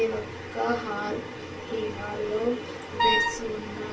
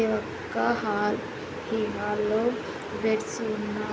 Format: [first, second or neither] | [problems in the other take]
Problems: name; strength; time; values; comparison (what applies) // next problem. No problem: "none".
second | background sound (Wind instrument, woodwind instrument); 5 dB above the speech // room echo; dies away in 0.2 s